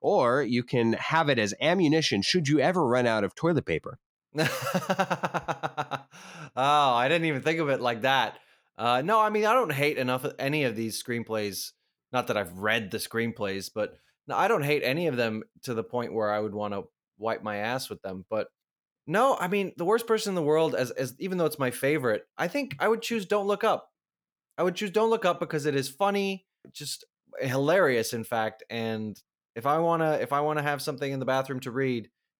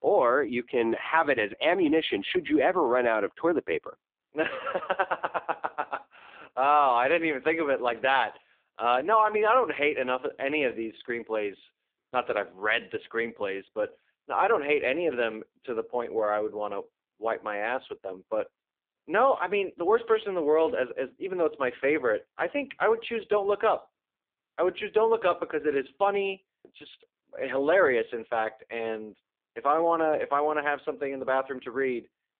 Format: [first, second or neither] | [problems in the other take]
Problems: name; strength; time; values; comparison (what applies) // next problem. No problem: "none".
first | phone-call audio; poor line